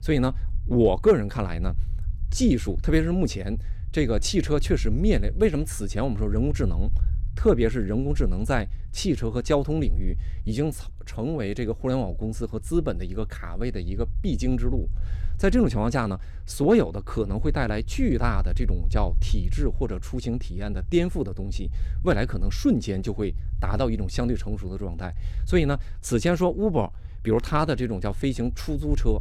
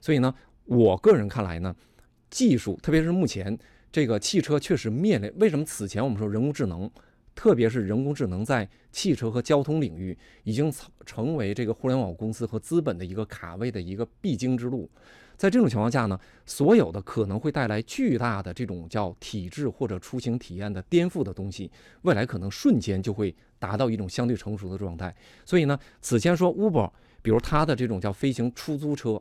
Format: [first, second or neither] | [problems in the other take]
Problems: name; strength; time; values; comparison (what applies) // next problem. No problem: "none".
second | low rumble; faint; throughout; 25 dB below the speech